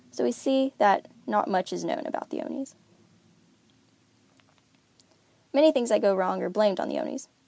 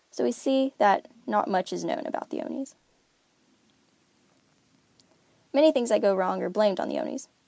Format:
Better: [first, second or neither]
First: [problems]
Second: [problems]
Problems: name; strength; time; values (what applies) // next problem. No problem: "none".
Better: first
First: none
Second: noise reduction (neural mask model Resemble Enhance denoiser)